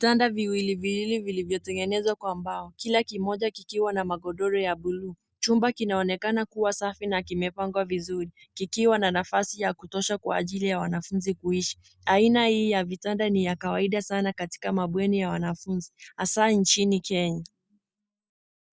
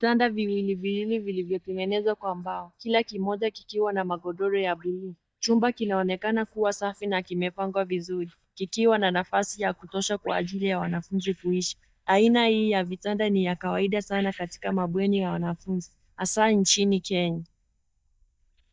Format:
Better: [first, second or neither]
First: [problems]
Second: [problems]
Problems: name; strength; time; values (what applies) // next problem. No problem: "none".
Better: first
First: none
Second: noise reduction (neural mask model DeepFilterNet 3)